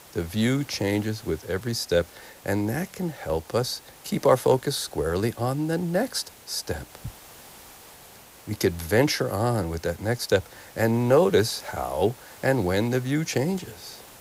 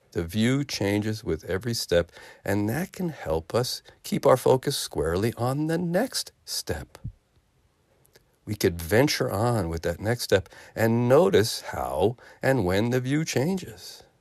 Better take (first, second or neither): second